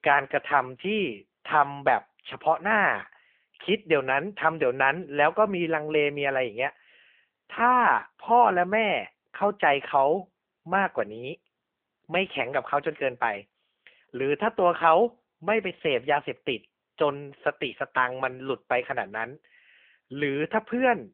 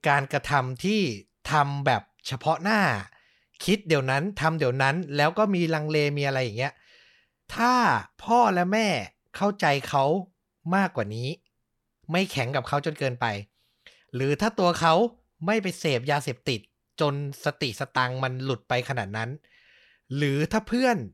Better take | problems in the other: second | phone-call audio

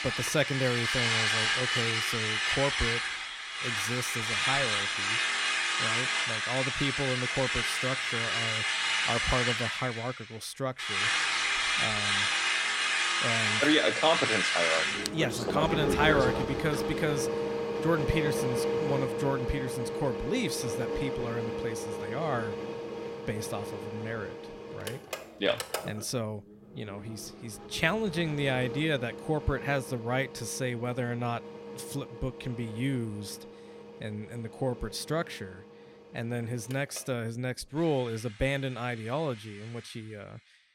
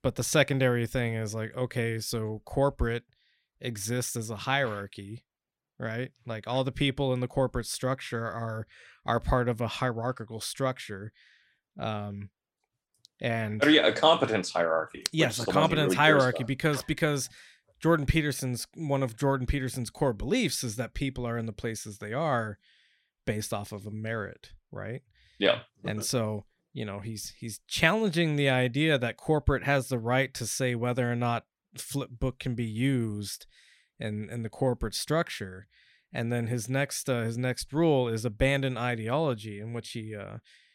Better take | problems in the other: second | machinery noise; very loud; throughout; 3 dB above the speech

